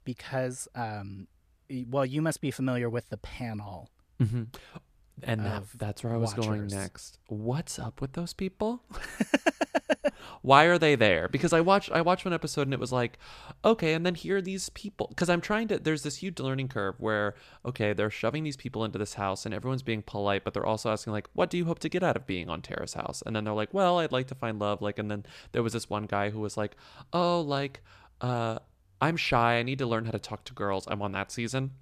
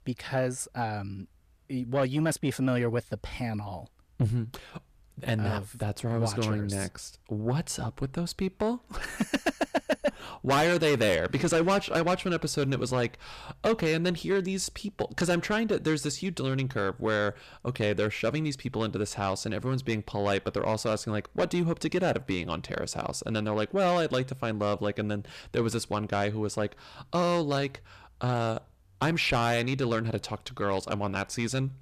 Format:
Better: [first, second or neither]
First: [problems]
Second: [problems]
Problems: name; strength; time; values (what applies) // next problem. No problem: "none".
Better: first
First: none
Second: distortion; heavy; 8 dB below the speech